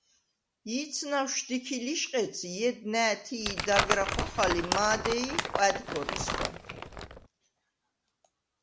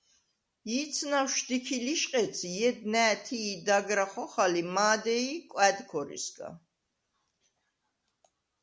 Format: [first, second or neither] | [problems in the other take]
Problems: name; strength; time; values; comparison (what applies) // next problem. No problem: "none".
second | background sound (Crumpling, crinkling); 1 dB below the speech